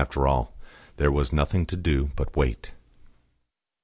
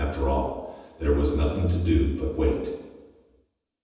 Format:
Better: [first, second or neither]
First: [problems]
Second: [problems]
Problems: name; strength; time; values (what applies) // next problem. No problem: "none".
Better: first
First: none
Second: room echo; dies away in 1.1 s